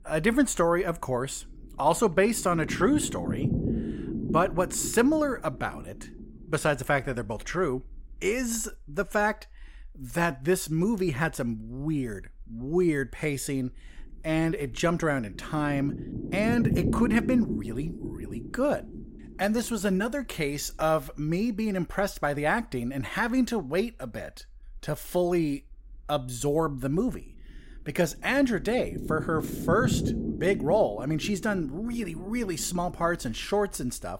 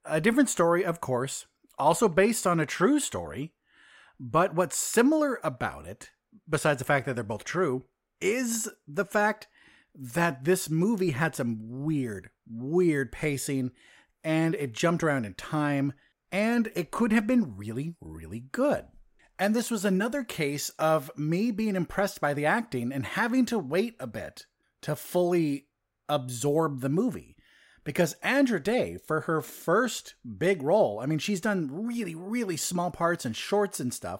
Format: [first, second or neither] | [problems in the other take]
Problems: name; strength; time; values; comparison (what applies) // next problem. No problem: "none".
second | low rumble; noticeable; throughout; 10 dB below the speech